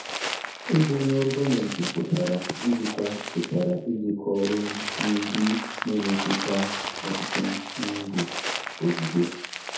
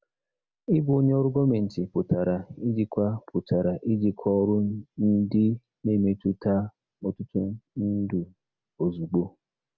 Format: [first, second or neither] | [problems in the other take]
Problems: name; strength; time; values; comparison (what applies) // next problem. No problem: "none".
second | background sound (Crumpling, crinkling); 6 dB below the speech // room echo; dies away in 0.6 s